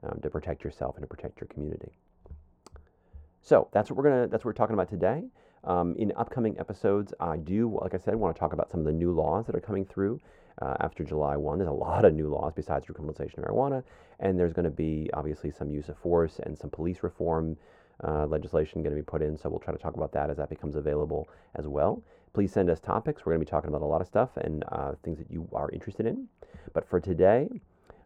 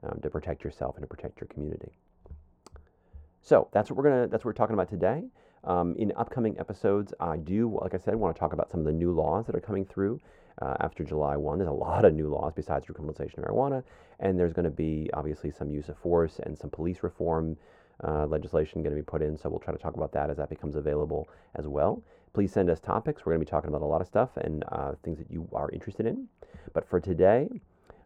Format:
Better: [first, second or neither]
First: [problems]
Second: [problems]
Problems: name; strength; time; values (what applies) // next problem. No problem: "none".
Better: neither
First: muffled; very; fading above 2 kHz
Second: muffled; very; fading above 2 kHz